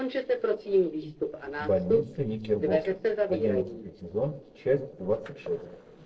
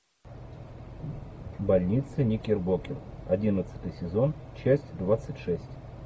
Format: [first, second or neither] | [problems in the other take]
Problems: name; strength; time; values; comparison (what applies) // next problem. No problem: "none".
second | noise reduction (neural separator model SepFormer DNS4)